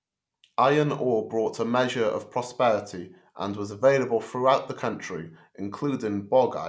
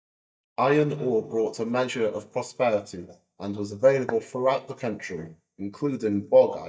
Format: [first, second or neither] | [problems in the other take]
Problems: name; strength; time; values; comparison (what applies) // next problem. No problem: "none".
first | noise reduction (neural mask model DeepFilterNet 3)